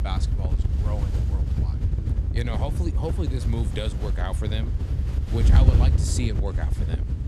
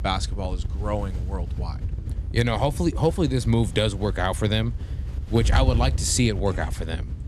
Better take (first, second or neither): second